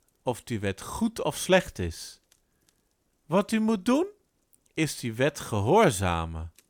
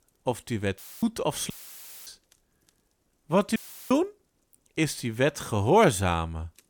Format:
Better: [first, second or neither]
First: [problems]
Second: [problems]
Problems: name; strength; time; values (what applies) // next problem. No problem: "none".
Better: first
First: none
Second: audio cutting out; filled with static; at 1 s, at 1.5 s for 0.5 s and at 3.5 s